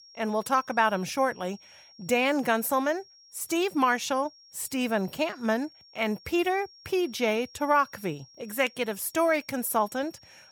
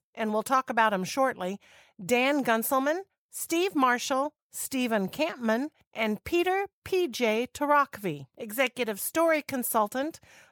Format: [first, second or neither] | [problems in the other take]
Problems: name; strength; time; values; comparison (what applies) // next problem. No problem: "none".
second | high-pitched whine; faint; throughout; 5.5 kHz, 25 dB below the speech